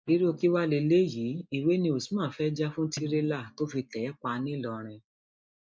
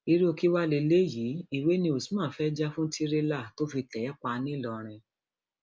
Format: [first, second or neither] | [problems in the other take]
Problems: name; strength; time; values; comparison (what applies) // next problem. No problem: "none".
second | noise reduction (neural mask model DeepFilterNet 3)